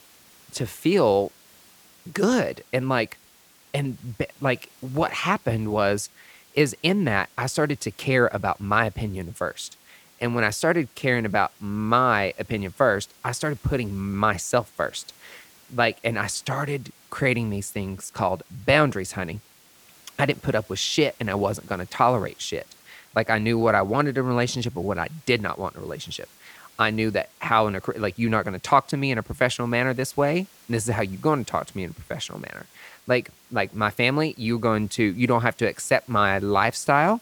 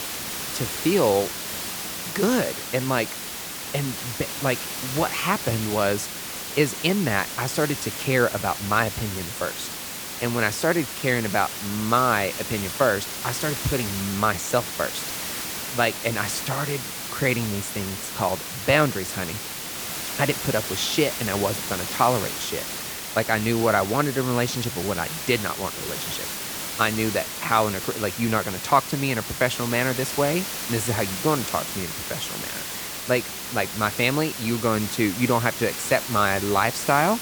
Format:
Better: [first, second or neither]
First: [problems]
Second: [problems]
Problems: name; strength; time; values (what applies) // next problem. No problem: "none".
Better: first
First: hiss; faint; throughout; 25 dB below the speech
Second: hiss; loud; throughout; 5 dB below the speech